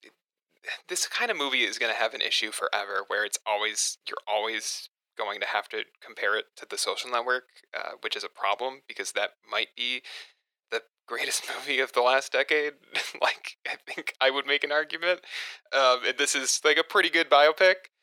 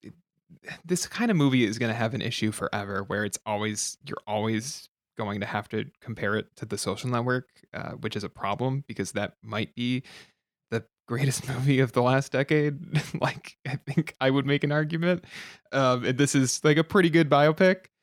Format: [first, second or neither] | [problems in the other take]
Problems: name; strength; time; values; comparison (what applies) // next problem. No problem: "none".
second | thin; very; fading below 450 Hz